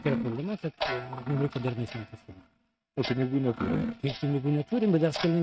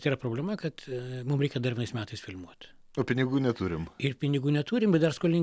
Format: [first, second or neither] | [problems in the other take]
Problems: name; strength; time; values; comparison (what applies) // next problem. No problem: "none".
second | noise reduction (neural mask model RNNoise)